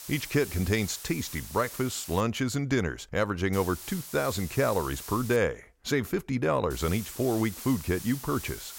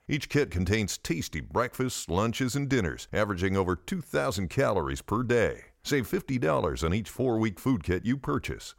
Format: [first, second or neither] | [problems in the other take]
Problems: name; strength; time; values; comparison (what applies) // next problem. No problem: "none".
second | hiss; noticeable; until 2 s, from 3.5 to 5.5 s and from 6.5 s on; 10 dB below the speech